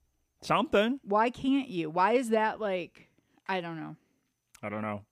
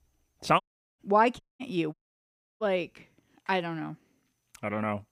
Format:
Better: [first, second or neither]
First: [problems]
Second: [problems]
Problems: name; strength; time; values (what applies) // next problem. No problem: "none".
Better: first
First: none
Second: audio cutting out; at 0.5 s, at 1.5 s and at 2 s for 0.5 s